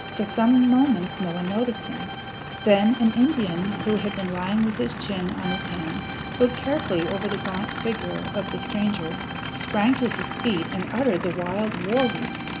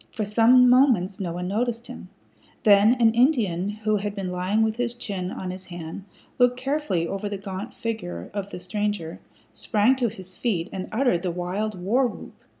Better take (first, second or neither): second